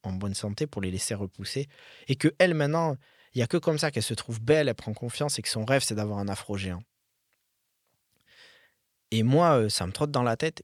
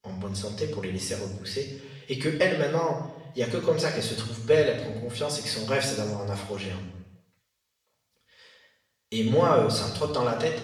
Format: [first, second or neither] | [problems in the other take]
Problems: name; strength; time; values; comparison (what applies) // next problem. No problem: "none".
first | room echo; noticeable; dies away in 0.8 s // off-mic speech; far